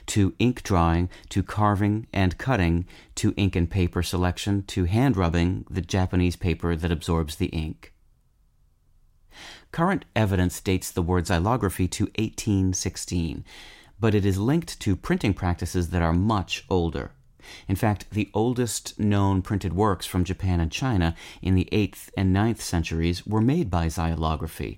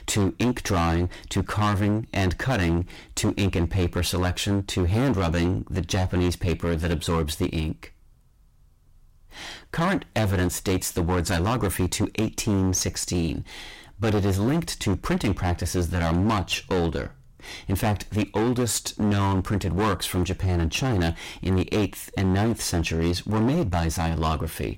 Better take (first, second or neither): first